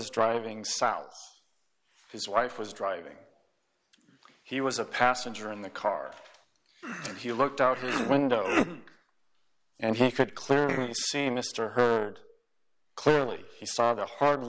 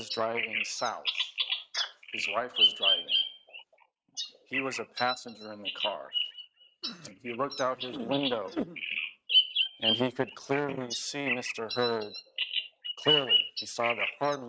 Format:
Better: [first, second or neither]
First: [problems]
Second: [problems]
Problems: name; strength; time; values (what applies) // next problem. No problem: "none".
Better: first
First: none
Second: noise reduction (neural mask model RNNoise)